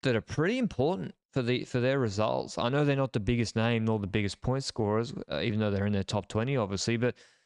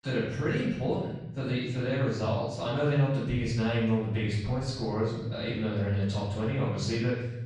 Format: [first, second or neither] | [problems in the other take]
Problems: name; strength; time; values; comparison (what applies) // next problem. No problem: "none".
first | room echo; noticeable; dies away in 1.1 s // off-mic speech; far